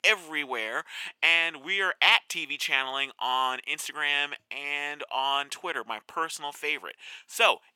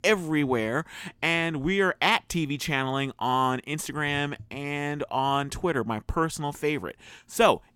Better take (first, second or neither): second